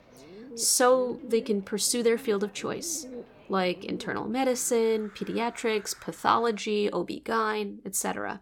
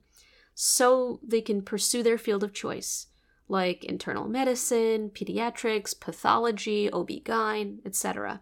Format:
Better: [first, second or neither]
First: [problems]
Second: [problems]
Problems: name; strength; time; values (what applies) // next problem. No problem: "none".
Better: second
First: animal sounds; noticeable; until 6.5 s; 20 dB below the speech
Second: none